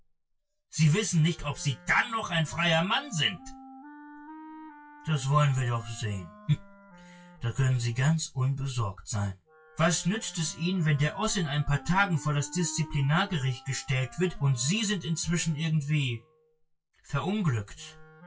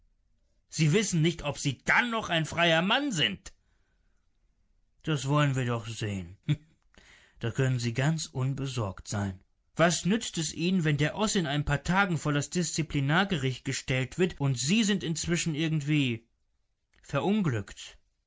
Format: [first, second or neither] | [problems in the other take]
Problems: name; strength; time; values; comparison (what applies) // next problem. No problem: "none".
second | noise reduction (classical method WPE with log-MMSE)